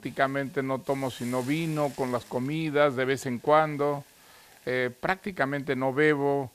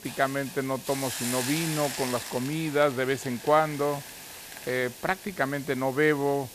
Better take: first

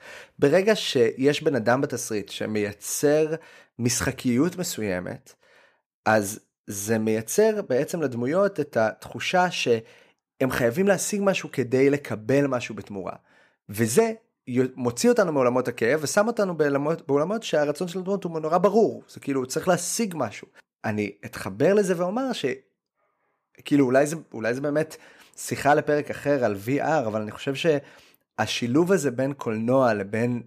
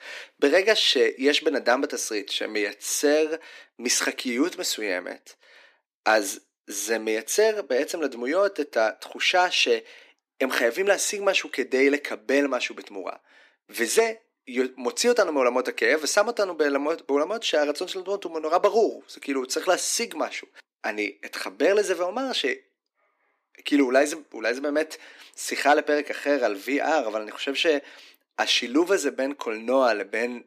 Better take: first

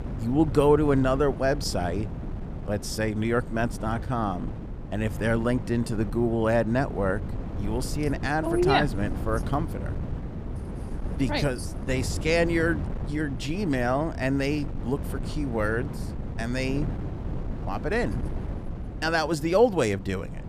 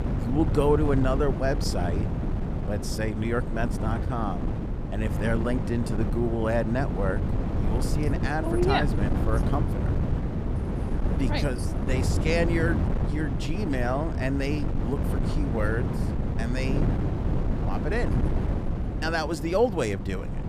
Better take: first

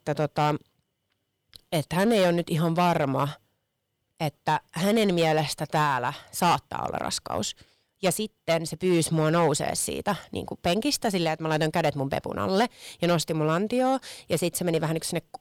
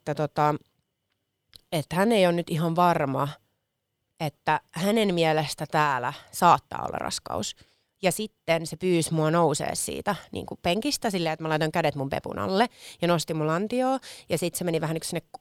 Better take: second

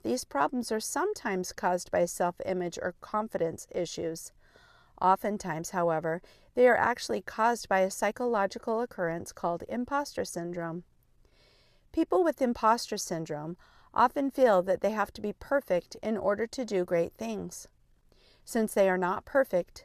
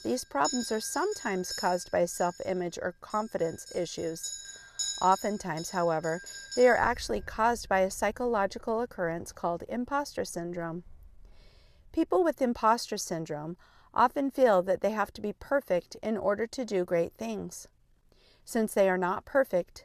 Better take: first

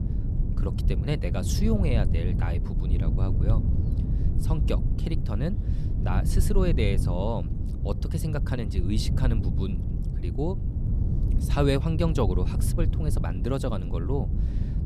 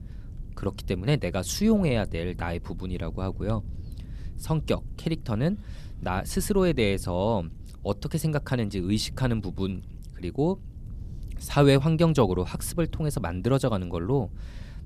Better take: second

